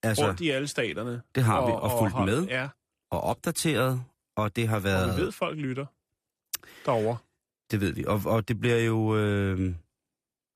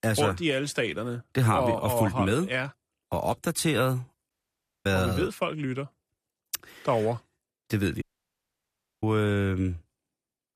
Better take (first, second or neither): first